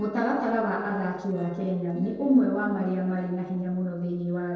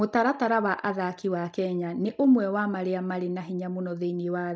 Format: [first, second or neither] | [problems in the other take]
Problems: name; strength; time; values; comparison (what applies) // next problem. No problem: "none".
second | noise reduction (neural separator model SepFormer DNS4)